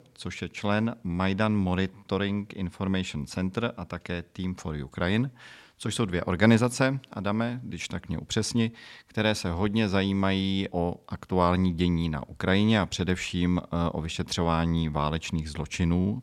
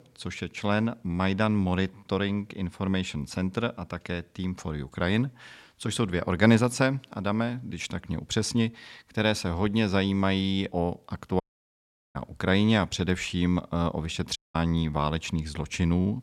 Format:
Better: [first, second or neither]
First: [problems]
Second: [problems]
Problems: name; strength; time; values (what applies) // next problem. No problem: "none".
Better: first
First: none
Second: audio cutting out; at 11 s for 1 s and at 14 s